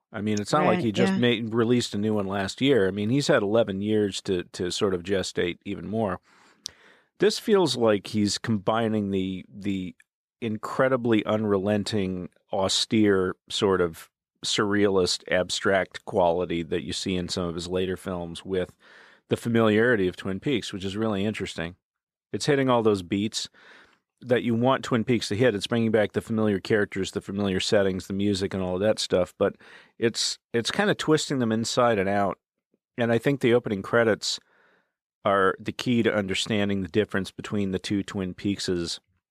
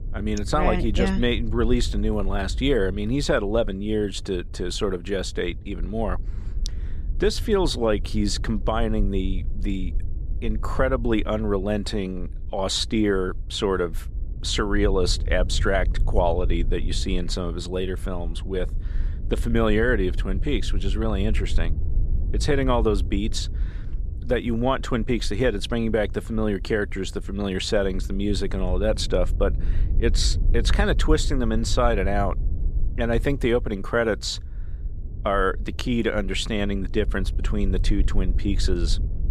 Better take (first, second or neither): first